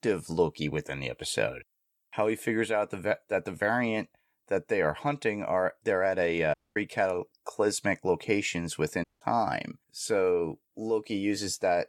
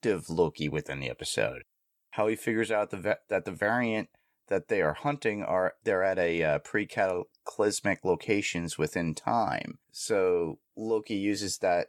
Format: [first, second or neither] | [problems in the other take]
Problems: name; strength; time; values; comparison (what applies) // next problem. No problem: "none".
second | audio cutting out; at 6.5 s and at 9 s